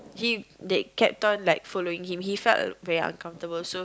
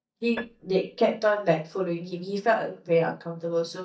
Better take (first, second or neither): first